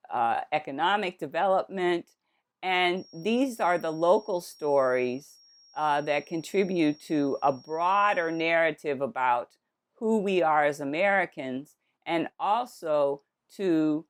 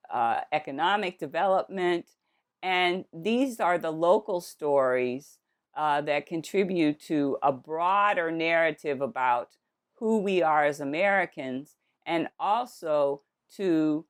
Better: second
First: high-pitched whine; faint; from 3 to 8.5 s; 5.5 kHz, 25 dB below the speech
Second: none

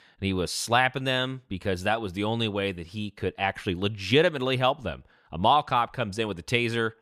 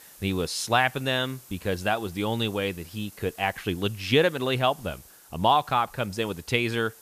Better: first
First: none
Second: hiss; faint; throughout; 20 dB below the speech

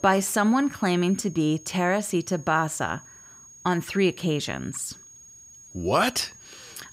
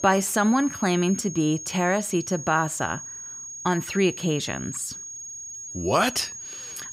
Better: first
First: high-pitched whine; faint; throughout; 6.5 kHz, 20 dB below the speech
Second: high-pitched whine; loud; throughout; 6.5 kHz, 10 dB below the speech

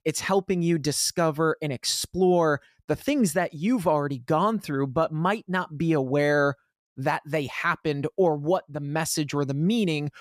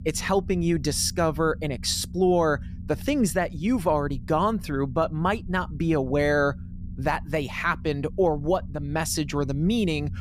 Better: first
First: none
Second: low rumble; faint; throughout; 25 dB below the speech

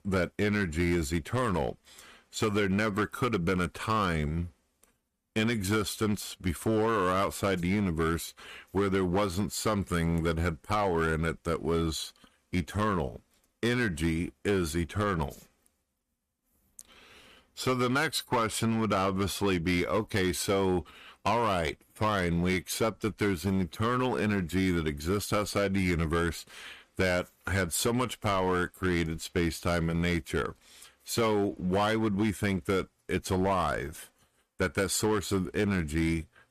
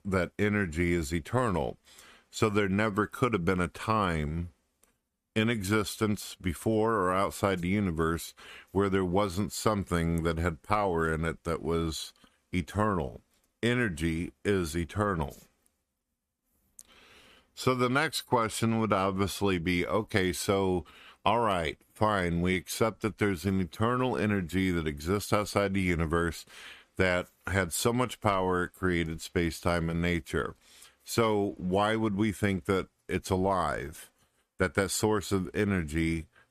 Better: second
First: distortion; slight; 7% of the sound clipped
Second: none

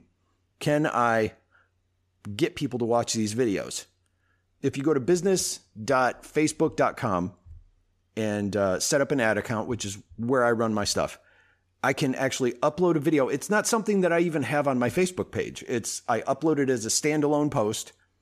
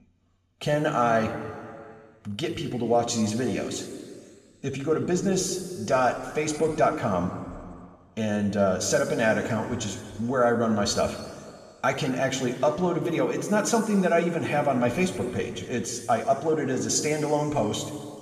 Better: first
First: none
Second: room echo; noticeable; dies away in 1.9 s // off-mic speech; somewhat distant

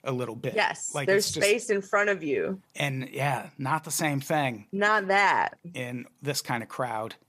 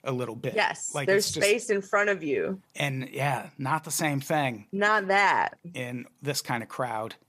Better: neither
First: none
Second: none

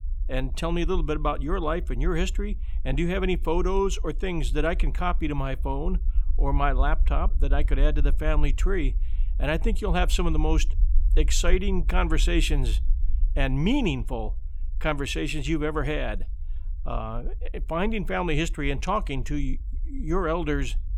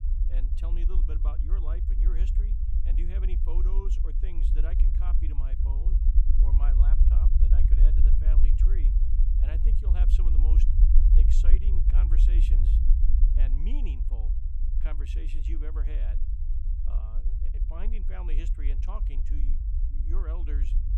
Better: first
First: low rumble; faint; throughout; 25 dB below the speech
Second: low rumble; loud; throughout; as loud as the speech

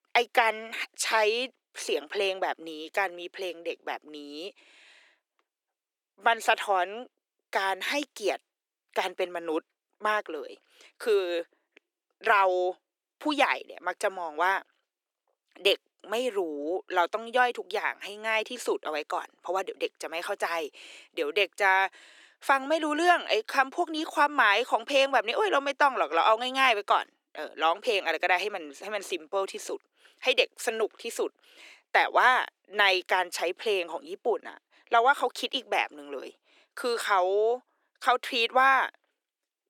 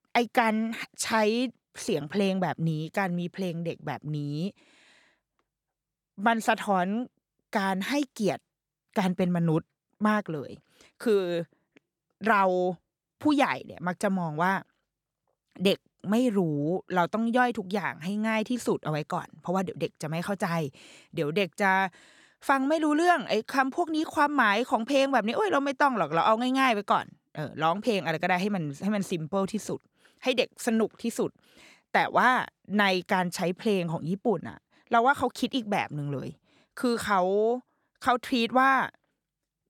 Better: second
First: thin; very; fading below 350 Hz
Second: none

